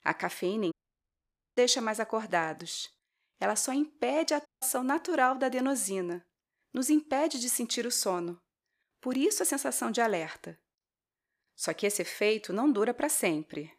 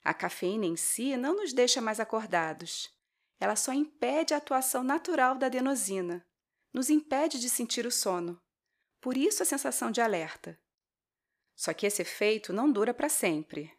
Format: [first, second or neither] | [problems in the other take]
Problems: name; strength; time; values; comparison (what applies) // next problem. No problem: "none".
second | audio cutting out; at 0.5 s for 1 s and at 4.5 s